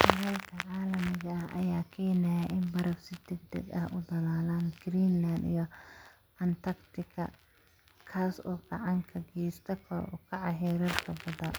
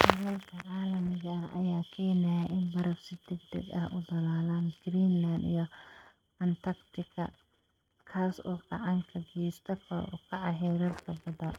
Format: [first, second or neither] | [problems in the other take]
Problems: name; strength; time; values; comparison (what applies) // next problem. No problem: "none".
first | noise reduction (neural mask model RNNoise)